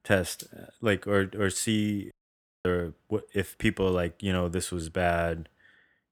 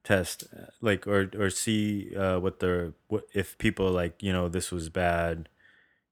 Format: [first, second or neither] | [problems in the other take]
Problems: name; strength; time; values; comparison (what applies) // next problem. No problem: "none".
second | audio cutting out; at 2 s for 0.5 s